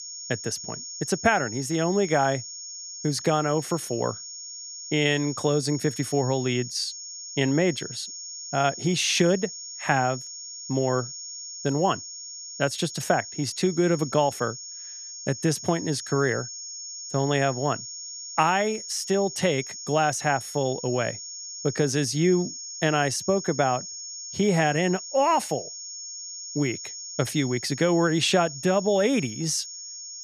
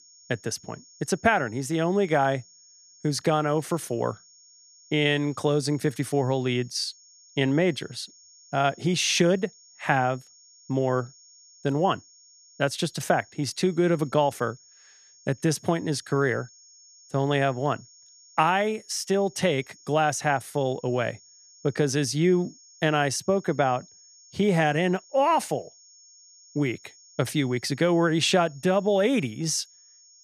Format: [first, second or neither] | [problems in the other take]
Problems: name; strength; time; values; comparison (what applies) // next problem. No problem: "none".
second | high-pitched whine; loud; throughout; 6.5 kHz, 10 dB below the speech; faint in the second